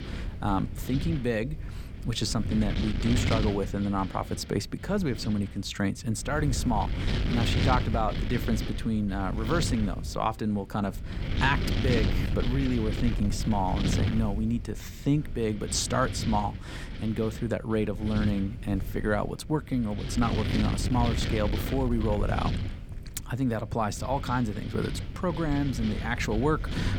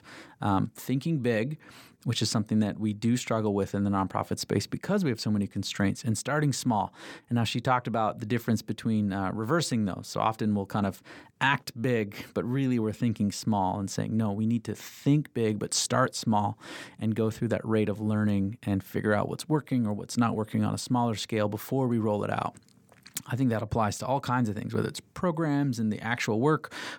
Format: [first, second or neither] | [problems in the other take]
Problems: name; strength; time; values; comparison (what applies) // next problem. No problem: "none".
second | wind noise on the microphone; heavy; 7 dB below the speech